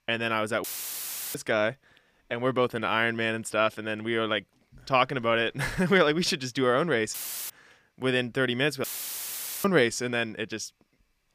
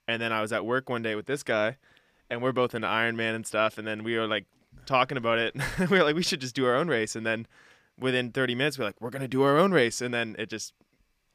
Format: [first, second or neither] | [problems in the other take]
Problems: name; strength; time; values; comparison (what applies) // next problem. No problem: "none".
second | audio cutting out; filled with static; at 0.5 s for 0.5 s, at 7 s and at 9 s for 1 s